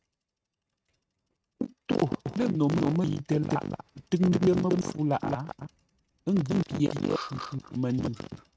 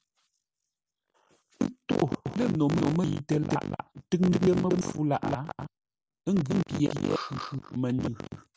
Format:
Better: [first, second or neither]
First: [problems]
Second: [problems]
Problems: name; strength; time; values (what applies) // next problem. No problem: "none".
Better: second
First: noise reduction (neural mask model RNNoise)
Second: none